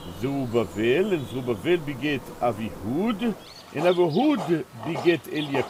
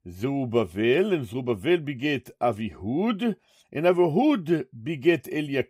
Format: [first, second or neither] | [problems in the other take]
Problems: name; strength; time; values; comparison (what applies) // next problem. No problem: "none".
second | animal sounds; noticeable; throughout; 15 dB below the speech